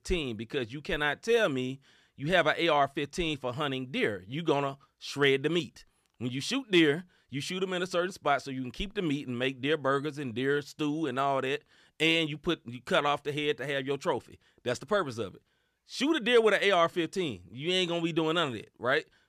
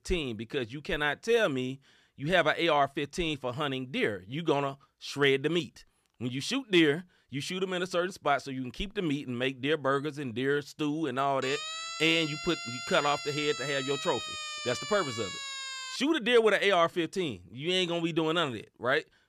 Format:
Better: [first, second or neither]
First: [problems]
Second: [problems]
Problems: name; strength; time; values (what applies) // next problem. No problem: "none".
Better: first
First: none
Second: siren; noticeable; from 11 to 16 s; peak 6 dB below the speech